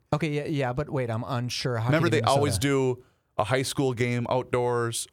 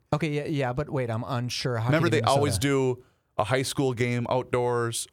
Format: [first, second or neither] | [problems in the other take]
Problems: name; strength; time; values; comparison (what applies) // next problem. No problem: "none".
neither | none